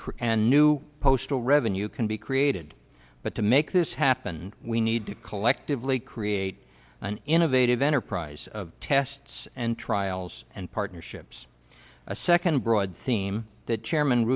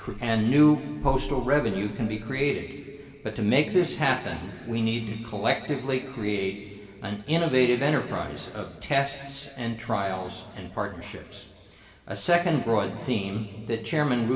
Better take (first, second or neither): first